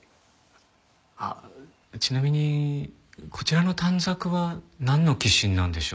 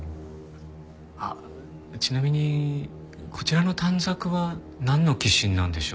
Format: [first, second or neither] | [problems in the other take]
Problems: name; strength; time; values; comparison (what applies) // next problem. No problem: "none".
first | background sound (Musical instrument); 16 dB below the speech